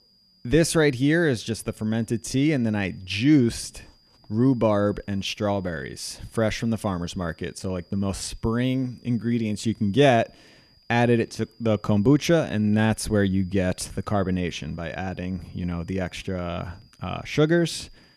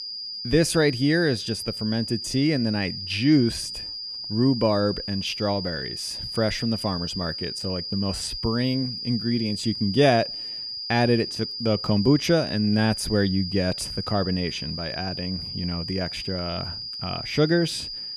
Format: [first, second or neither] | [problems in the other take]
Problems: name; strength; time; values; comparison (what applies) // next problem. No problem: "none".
first | high-pitched whine; loud; throughout; 5 kHz, 6 dB below the speech; faint in the first